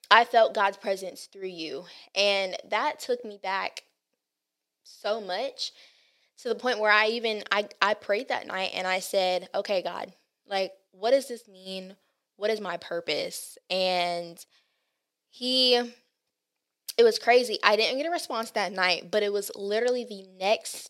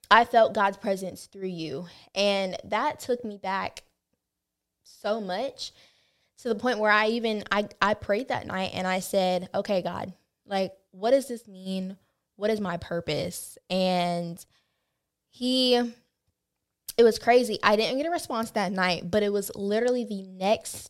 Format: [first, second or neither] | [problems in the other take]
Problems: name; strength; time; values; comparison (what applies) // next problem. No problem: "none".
second | thin; somewhat; fading below 350 Hz